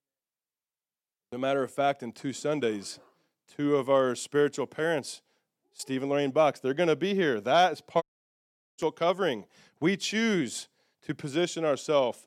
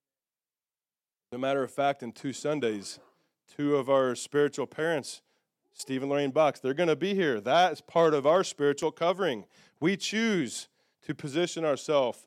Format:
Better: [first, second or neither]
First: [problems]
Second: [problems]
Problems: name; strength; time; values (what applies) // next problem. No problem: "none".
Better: second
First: audio cutting out; at 8 s for 1 s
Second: none